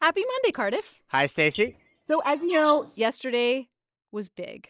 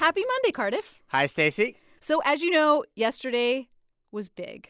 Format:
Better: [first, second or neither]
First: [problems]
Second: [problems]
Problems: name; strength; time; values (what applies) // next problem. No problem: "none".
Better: second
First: noise reduction (neural mask model DeepFilterNet 3)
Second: none